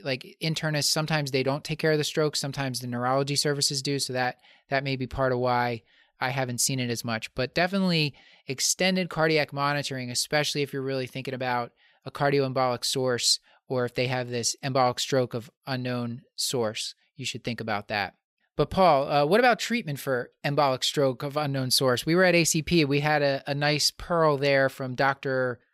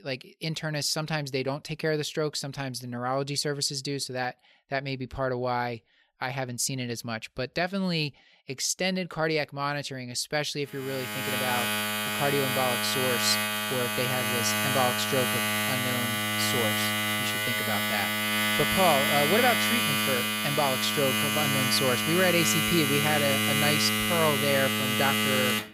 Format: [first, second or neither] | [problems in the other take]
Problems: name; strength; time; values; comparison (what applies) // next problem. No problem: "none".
first | household noises; very loud; from 11 s on; 4 dB above the speech